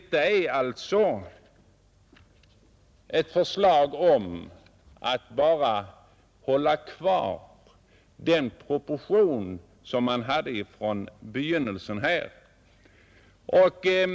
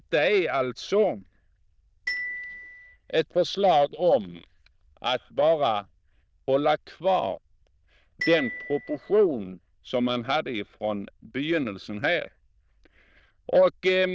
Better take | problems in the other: first | noise reduction (neural diffusion model UNIVERSE++)

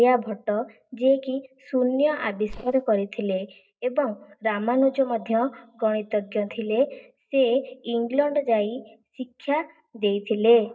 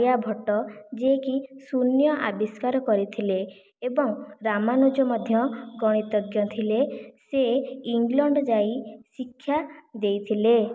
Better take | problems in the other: second | noise reduction (neural mask model DeepFilterNet 3)

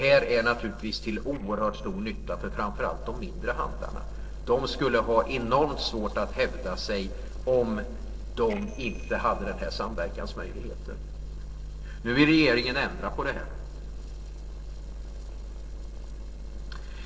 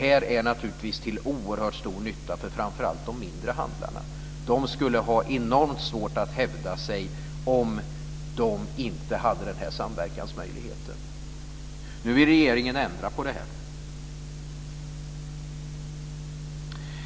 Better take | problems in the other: second | noise reduction (neural separator model SepFormer DNS4)

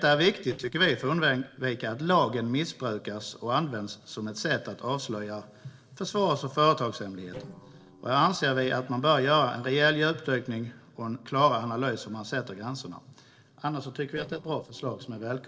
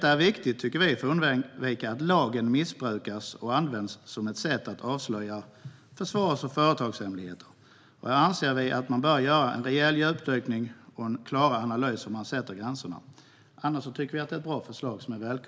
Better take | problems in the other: second | noise reduction (neural separator model SepFormer DNS4)

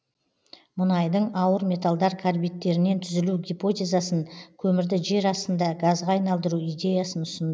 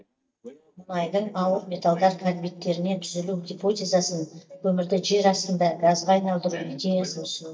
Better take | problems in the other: first | noise reduction (neural mask model DeepFilterNet 3)

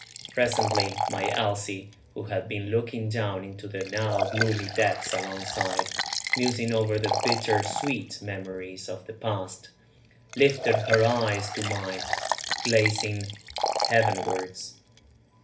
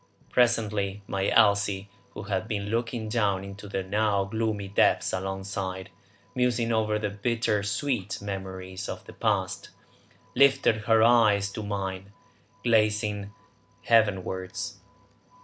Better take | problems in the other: second | background sound (Liquid); 4 dB below the speech // room echo; dies away in 0.3 s

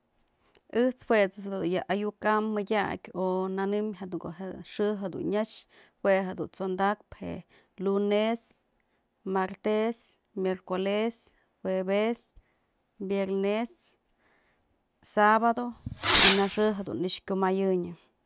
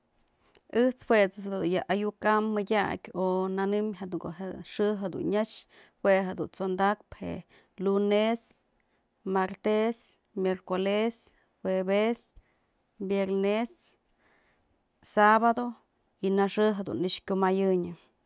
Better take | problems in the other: second | background sound (Fireworks); 2 dB above the speech

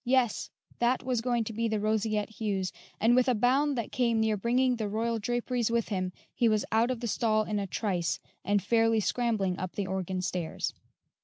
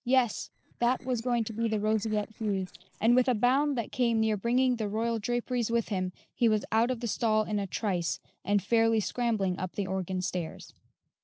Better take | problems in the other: first | noise reduction (neural separator model SepFormer DNS4)

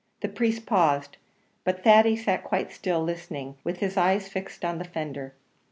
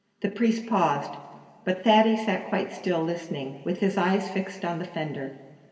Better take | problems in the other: first | room echo; dies away in 2.6 s

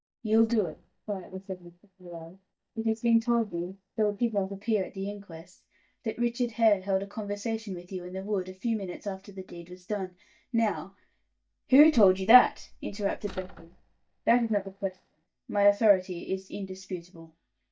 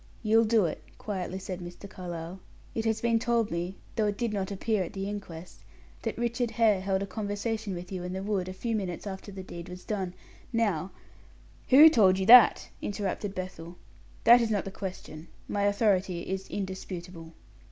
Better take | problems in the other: second | noise reduction (neural mask model DeepFilterNet 3)

